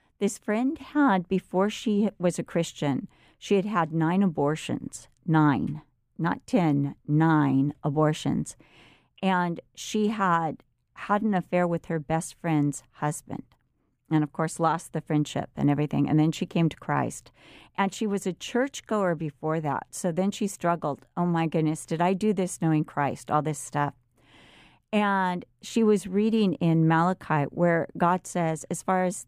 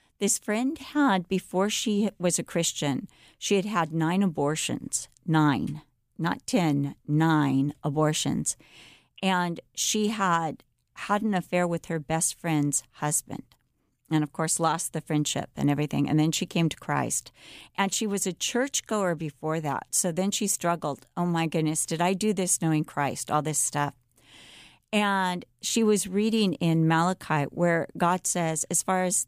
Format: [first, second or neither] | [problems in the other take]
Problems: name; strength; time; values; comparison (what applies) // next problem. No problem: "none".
second | muffled; slightly; fading above 3 kHz